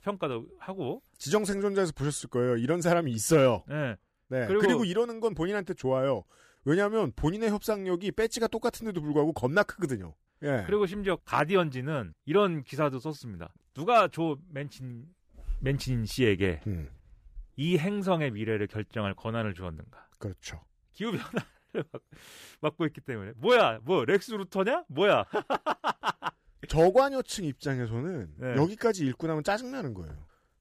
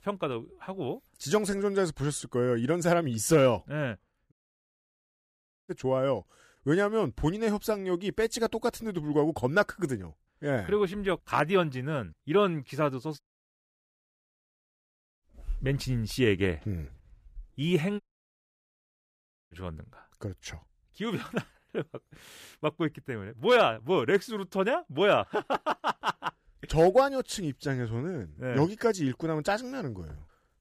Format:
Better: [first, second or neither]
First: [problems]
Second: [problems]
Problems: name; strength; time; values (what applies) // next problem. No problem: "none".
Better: first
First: none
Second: audio cutting out; at 4.5 s for 1.5 s, at 13 s for 2 s and at 18 s for 1.5 s